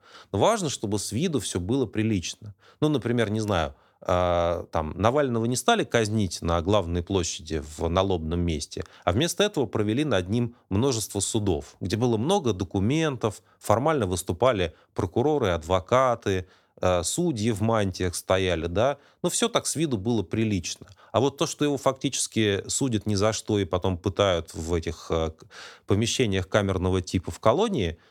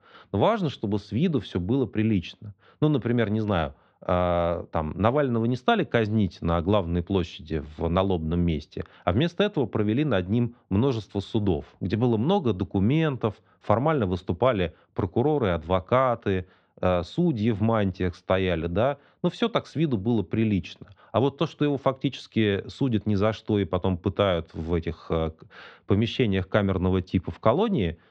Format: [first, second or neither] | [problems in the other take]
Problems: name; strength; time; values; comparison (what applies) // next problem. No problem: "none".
first | muffled; very; fading above 3.5 kHz